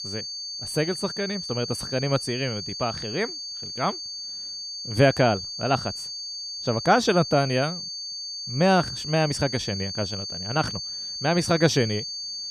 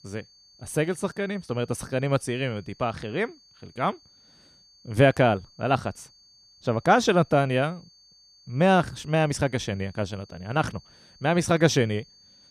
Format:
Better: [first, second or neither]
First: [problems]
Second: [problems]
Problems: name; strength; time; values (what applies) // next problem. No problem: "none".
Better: second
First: high-pitched whine; loud; throughout; 4.5 kHz, 6 dB below the speech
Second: high-pitched whine; faint; throughout; 4.5 kHz, 30 dB below the speech